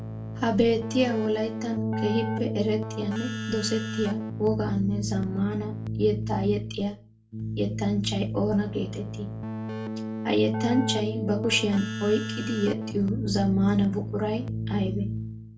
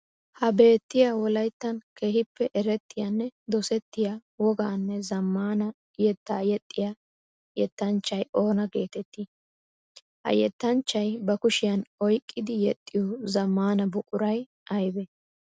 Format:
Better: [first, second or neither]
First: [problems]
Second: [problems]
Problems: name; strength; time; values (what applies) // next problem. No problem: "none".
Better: second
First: background sound (Keyboard (musical)); 3 dB below the speech // room echo; dies away in 0.2 s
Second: none